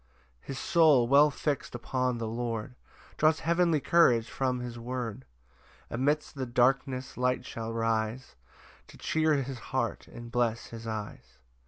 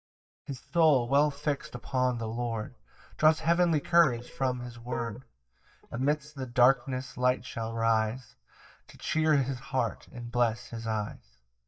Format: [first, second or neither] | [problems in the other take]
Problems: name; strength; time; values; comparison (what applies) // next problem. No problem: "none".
first | noise reduction (neural mask model DeepFilterNet 3)